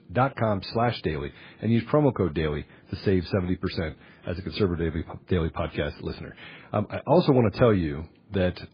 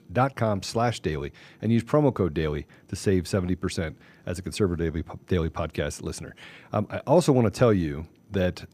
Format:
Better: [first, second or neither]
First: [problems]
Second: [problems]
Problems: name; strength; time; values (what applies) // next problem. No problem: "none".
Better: second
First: garbled, watery; badly; nothing above 4.5 kHz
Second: none